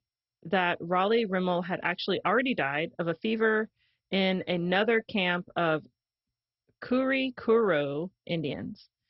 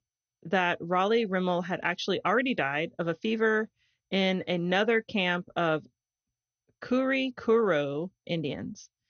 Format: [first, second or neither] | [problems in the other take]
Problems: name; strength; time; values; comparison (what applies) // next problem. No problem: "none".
second | garbled, watery; badly; nothing above 5.5 kHz; slightly in the second